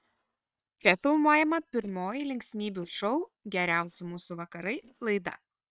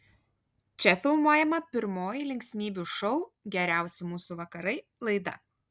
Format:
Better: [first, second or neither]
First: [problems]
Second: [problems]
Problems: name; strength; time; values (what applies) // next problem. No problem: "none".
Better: second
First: noise reduction (neural separator model SepFormer WHAM!)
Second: none